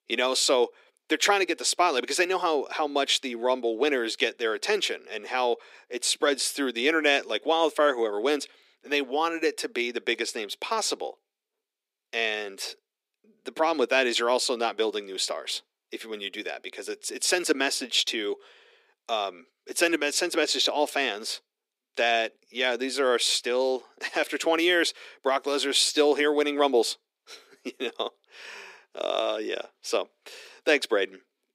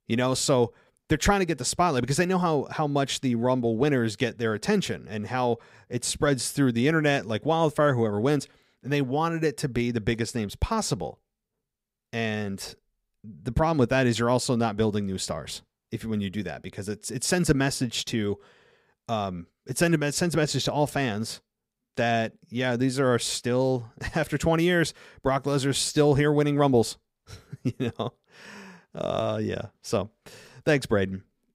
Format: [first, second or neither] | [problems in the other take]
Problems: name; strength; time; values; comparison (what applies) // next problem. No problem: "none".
second | thin; somewhat; fading below 300 Hz